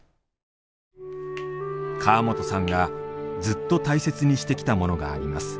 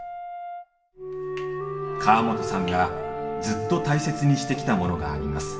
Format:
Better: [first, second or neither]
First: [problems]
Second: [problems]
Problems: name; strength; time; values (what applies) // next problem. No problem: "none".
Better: first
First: none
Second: background sound (Brass instrument); 13 dB below the speech // room echo; dies away in 0.9 s